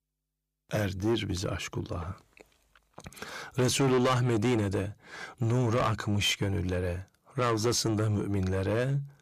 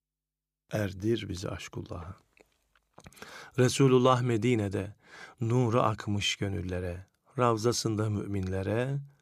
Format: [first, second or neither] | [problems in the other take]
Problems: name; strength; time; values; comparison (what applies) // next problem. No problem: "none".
second | distortion; heavy; 7 dB below the speech